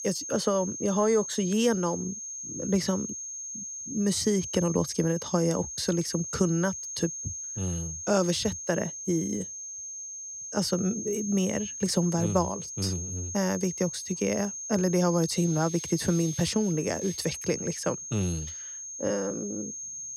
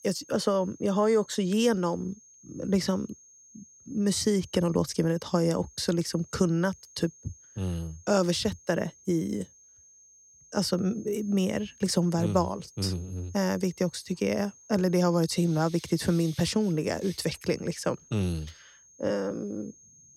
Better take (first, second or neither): second